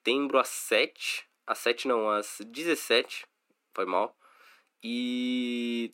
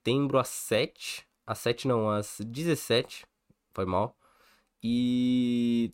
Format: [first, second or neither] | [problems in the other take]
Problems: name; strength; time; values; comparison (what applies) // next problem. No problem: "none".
second | thin; very slightly; fading below 250 Hz